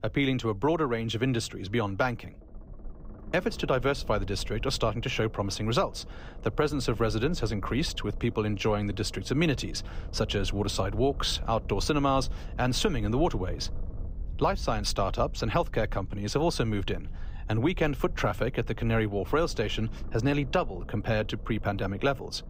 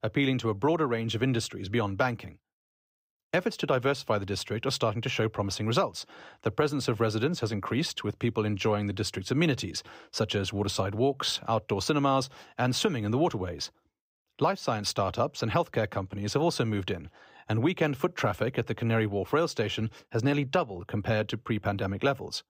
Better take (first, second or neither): second